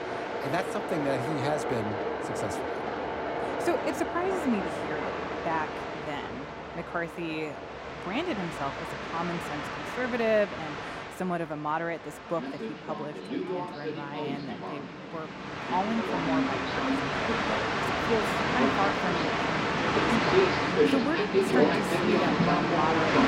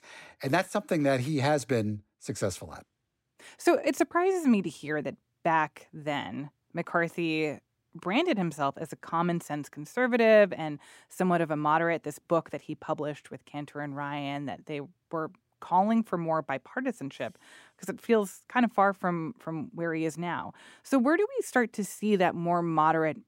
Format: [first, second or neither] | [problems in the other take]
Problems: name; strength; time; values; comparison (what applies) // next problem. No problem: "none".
second | train or aircraft noise; very loud; throughout; 4 dB above the speech